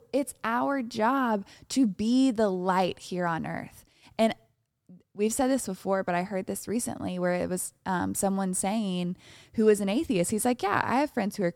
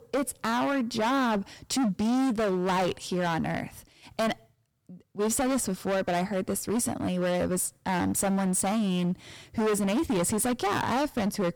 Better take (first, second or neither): first